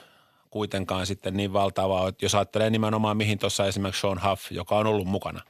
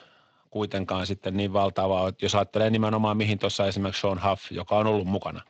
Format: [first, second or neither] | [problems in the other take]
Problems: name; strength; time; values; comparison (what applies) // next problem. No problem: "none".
first | garbled, watery; slightly; nothing above 7.5 kHz